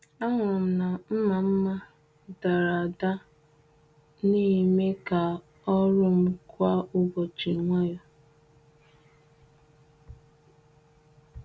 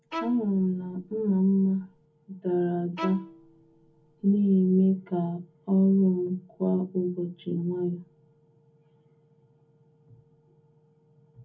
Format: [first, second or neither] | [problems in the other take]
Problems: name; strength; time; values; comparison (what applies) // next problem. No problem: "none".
first | background sound (Bowed string instrument); 14 dB below the speech // room echo; dies away in 0.3 s